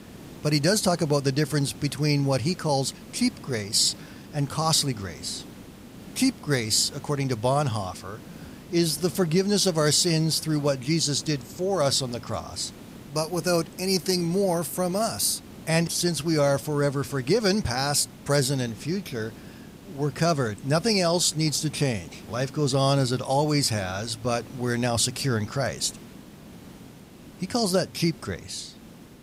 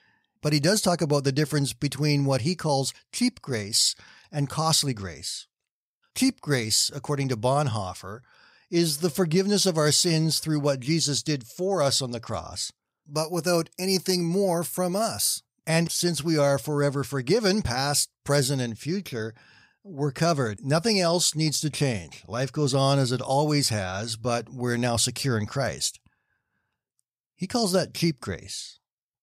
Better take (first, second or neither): second